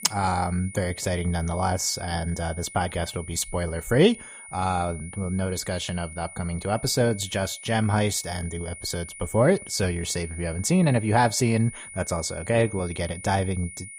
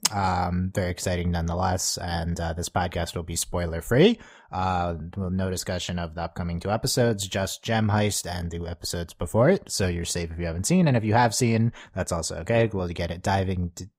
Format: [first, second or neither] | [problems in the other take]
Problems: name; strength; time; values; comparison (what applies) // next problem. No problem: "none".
second | high-pitched whine; noticeable; throughout; 2 kHz, 15 dB below the speech